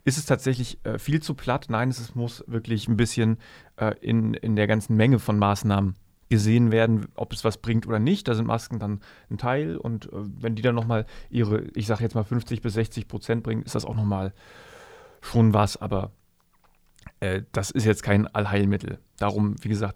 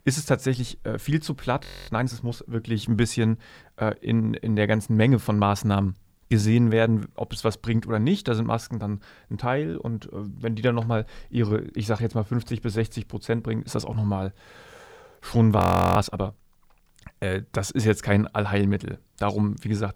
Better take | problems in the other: first | audio freezing; at 1.5 s and at 16 s

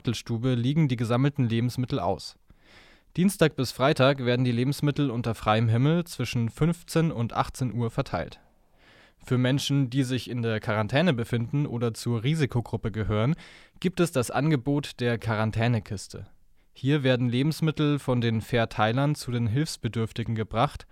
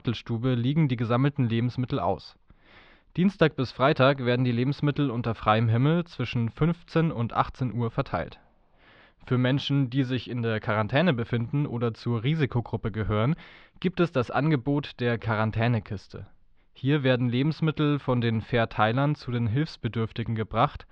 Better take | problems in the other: first | muffled; slightly; fading above 4 kHz

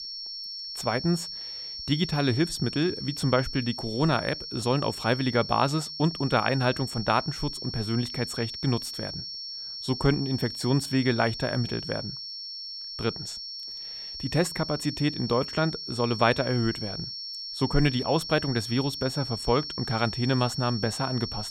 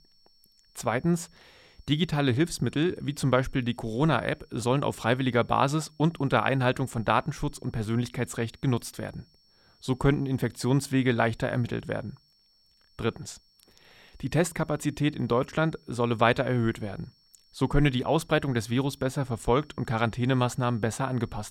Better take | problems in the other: second | high-pitched whine; loud; throughout; 5.5 kHz, 7 dB below the speech; faint in the second

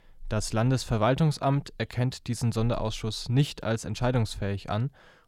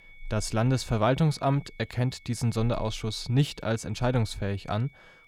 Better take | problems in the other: first | high-pitched whine; faint; throughout; 2 kHz, 25 dB below the speech

